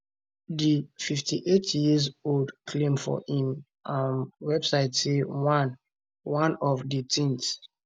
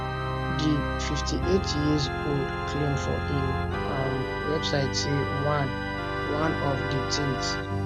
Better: first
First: none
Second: background sound (Organ); 1 dB above the speech

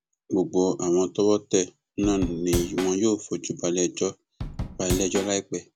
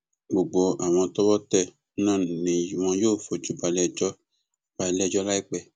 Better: second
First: background sound (Drum / Drum kit); 6 dB below the speech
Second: none

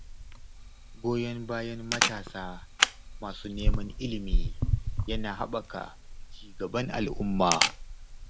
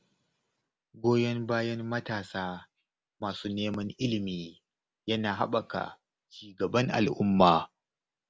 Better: second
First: background sound (Camera); 3 dB above the speech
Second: none

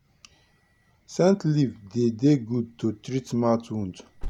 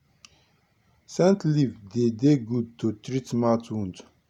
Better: second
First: background sound (Alarm); 17 dB below the speech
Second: none

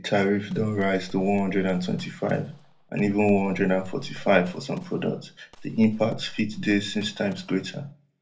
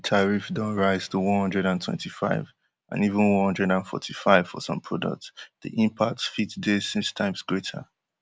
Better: second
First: background sound (Gunshot, gunfire); 17 dB below the speech // room echo; dies away in 0.3 s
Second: none

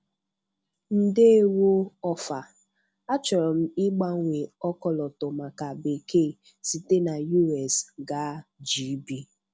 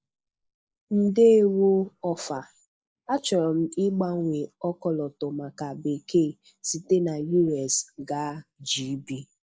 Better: first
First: none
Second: noise reduction (neural mask model Resemble Enhance denoiser)

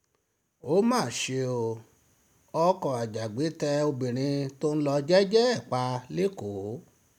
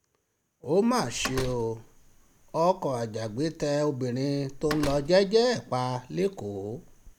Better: first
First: none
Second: background sound (Slam); 13 dB below the speech

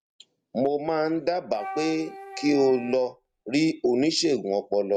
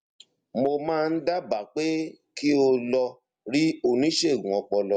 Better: second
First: background sound (Wind instrument, woodwind instrument); 15 dB below the speech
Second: none

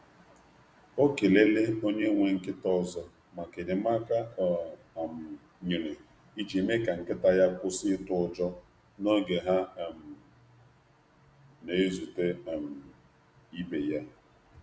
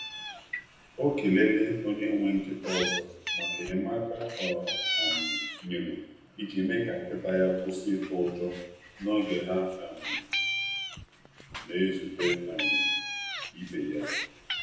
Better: first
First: none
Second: background sound (Meow); 5 dB below the speech // room echo; dies away in 0.9 s

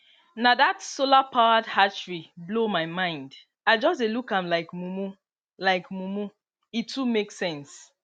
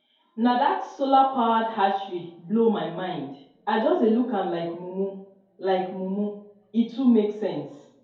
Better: first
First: none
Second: room echo; dies away in 2.2 s

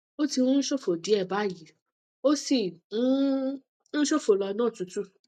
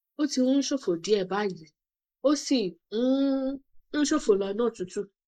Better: first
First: none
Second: noise reduction (neural mask model Resemble Enhance denoiser)

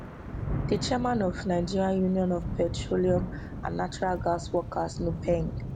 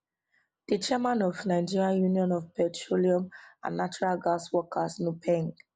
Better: second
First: background sound (Thunder / Rain); 6 dB below the speech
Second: none

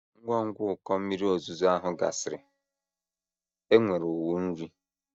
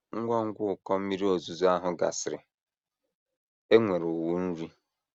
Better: second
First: noise reduction (neural mask model DeepFilterNet 3)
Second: none

